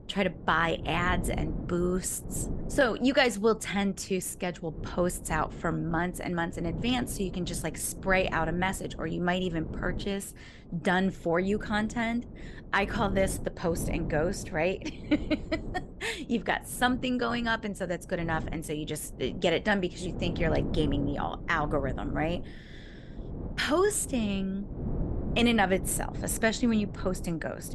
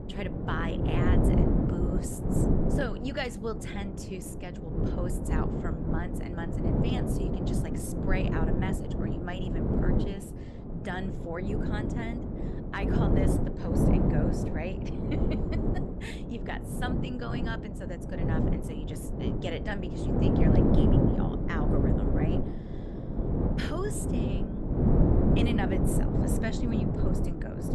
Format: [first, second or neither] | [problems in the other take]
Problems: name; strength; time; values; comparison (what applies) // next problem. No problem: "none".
first | wind noise on the microphone; heavy; 3 dB above the speech; occasional gusts in the first